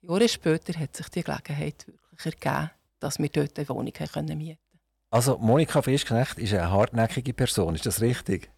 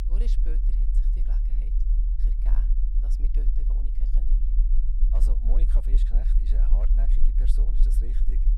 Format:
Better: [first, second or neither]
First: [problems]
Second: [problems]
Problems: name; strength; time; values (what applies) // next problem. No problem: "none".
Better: first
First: none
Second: low rumble; loud; throughout; 1 dB below the speech